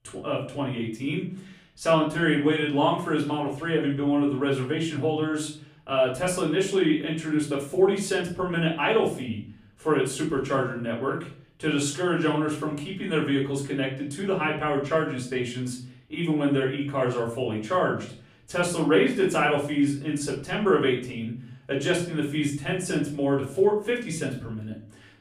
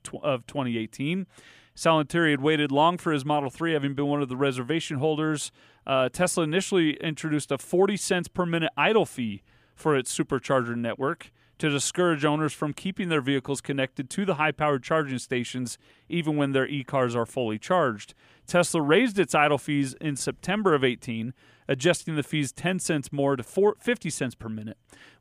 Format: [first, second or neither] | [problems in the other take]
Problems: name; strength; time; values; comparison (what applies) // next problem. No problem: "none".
second | off-mic speech; far // room echo; slight; dies away in 0.5 s